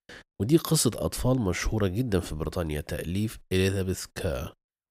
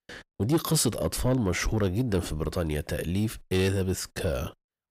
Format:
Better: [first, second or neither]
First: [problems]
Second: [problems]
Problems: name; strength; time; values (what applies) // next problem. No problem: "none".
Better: first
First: none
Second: distortion; slight; 10 dB below the speech